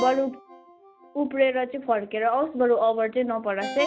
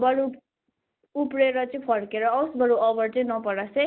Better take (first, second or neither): second